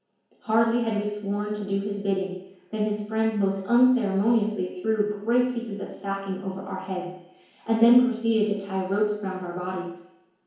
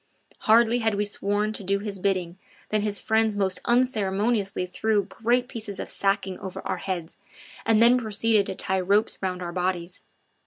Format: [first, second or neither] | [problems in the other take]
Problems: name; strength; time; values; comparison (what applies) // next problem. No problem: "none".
second | room echo; dies away in 1 s